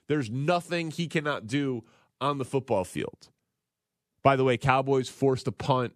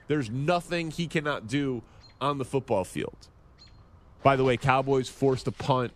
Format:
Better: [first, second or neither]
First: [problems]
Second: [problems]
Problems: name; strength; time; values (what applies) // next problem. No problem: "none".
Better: first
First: none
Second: animal sounds; faint; throughout; 25 dB below the speech